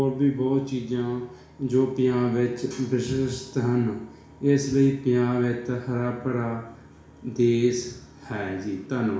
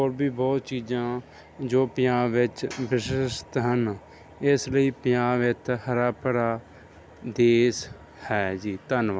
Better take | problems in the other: second | room echo; dies away in 0.7 s

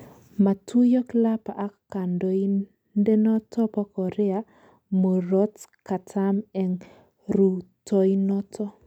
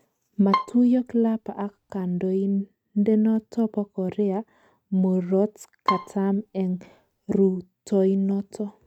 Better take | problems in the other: first | noise reduction (neural mask model RNNoise)

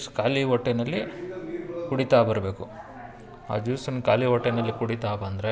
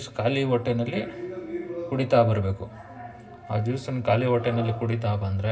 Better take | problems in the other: first | room echo; dies away in 0.4 s

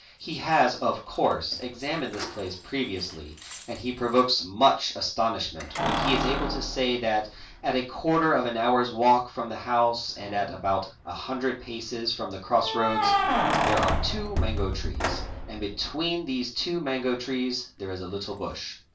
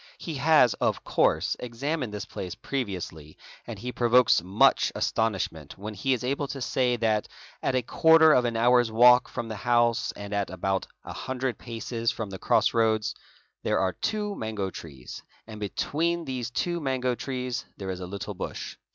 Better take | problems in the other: second | background sound (Keys jangling); 5 dB below the speech // room echo; dies away in 0.2 s

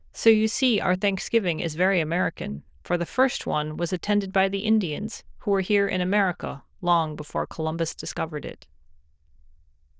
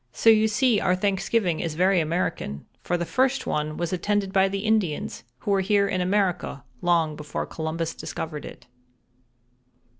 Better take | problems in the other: second | noise reduction (neural diffusion model UNIVERSE++)

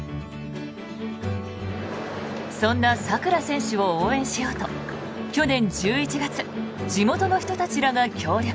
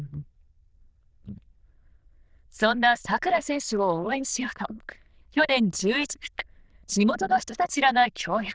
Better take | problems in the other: first | noise reduction (neural diffusion model UNIVERSE++)

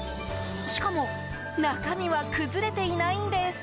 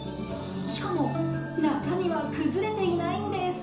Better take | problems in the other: first | background sound (Plucked string instrument); 10 dB below the speech // room echo; dies away in 0.9 s

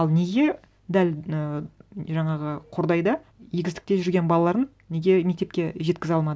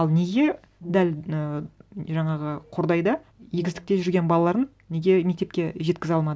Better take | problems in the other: first | background sound (Brass instrument); 16 dB below the speech

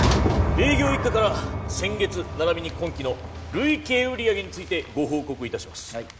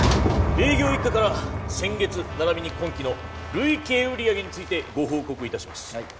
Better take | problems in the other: first | background sound (Applause + Trumpet); 19 dB below the speech

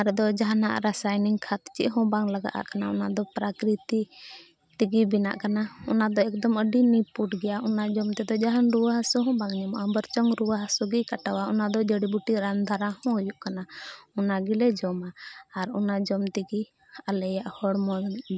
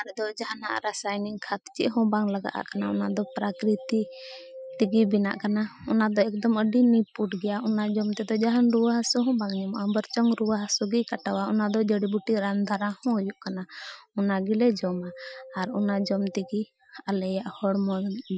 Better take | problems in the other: first | noise reduction (classical method Wiener filter)

